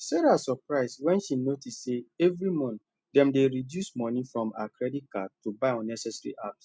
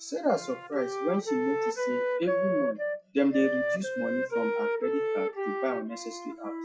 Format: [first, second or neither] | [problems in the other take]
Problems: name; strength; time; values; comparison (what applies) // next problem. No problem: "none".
first | noise reduction (classical method WPE with log-MMSE)